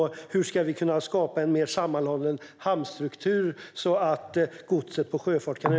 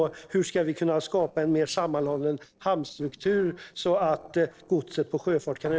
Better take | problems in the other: first | noise reduction (neural separator model SepFormer DNS4)

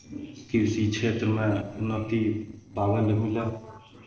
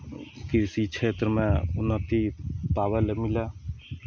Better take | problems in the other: second | noise reduction (neural separator model SepFormer DNS4)

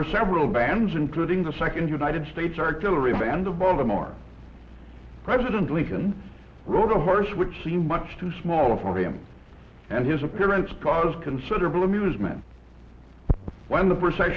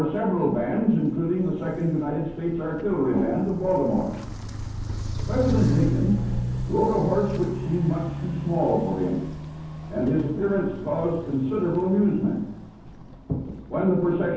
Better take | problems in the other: first | background sound (Walk, footsteps); 7 dB below the speech // room echo; dies away in 0.9 s

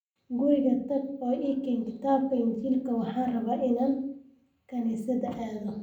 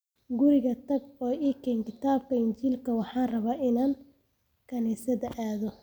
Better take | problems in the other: second | room echo; dies away in 0.6 s

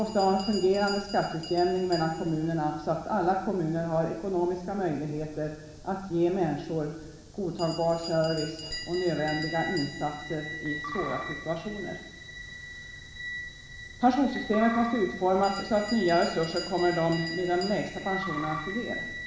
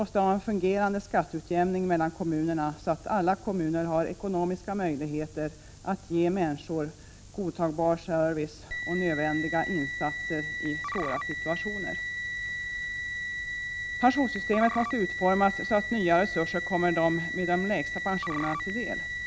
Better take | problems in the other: second | background sound (Bell); 17 dB below the speech // room echo; dies away in 1.1 s

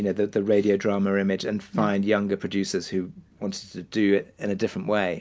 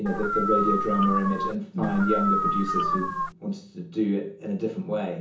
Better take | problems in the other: first | background sound (Dog); 1 dB above the speech // room echo; dies away in 0.7 s

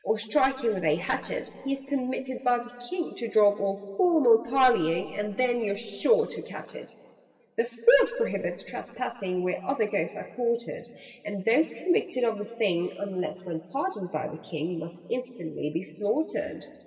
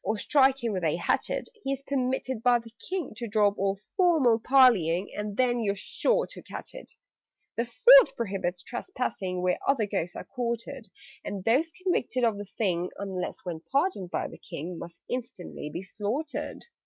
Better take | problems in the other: second | room echo; dies away in 2.7 s

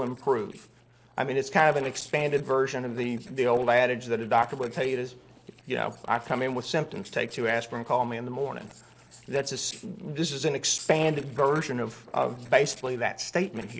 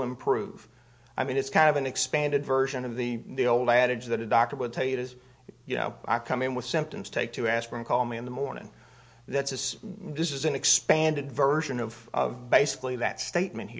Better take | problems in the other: second | noise reduction (neural separator model SepFormer DNS4)

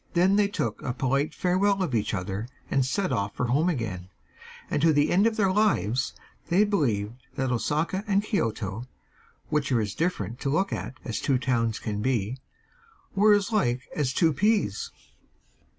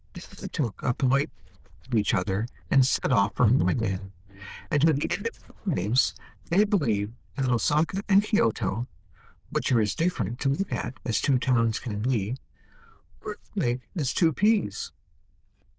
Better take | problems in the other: first | noise reduction (neural diffusion model UNIVERSE++)

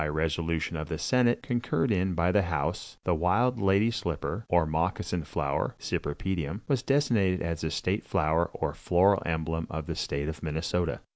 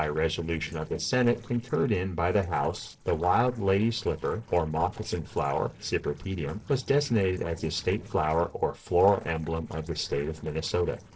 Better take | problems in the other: first | noise reduction (neural separator model SepFormer DNS4)

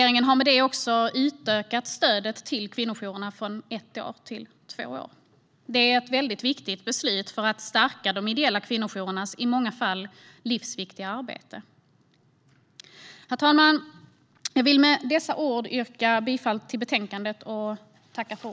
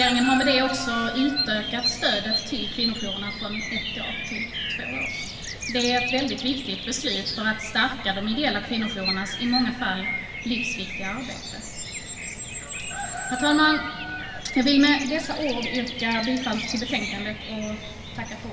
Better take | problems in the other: first | background sound (Bird vocalization, bird call, bird song); 5 dB below the speech // room echo; dies away in 2.5 s

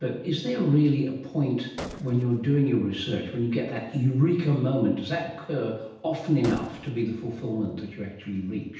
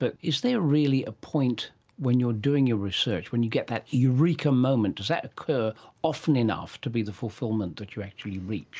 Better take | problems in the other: second | background sound (Gunshot, gunfire); 18 dB below the speech // room echo; dies away in 0.9 s

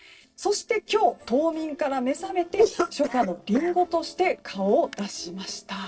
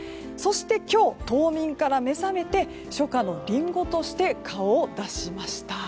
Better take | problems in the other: second | noise reduction (neural separator model SepFormer DNS4)

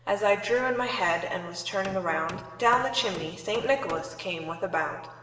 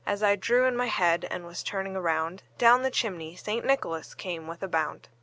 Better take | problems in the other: second | background sound (Hammer); 16 dB below the speech // room echo; dies away in 1.1 s

